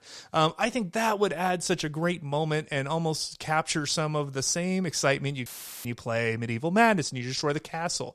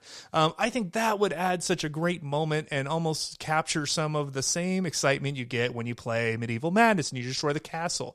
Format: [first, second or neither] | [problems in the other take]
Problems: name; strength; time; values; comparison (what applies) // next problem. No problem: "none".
second | audio cutting out; filled with static; at 5.5 s